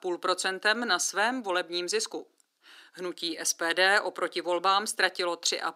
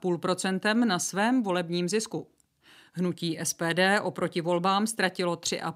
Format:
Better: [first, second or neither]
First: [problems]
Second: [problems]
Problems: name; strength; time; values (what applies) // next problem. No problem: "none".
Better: second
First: thin; somewhat; fading below 300 Hz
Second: none